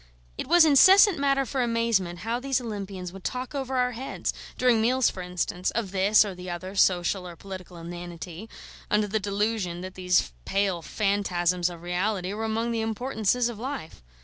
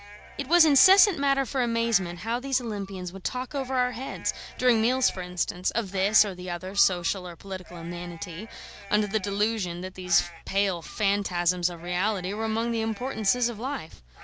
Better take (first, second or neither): first